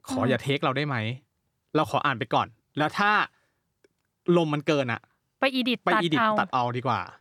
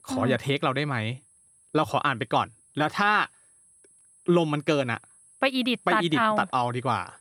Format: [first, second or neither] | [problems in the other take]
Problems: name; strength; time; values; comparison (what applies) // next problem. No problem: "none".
first | high-pitched whine; faint; throughout; 10.5 kHz, 30 dB below the speech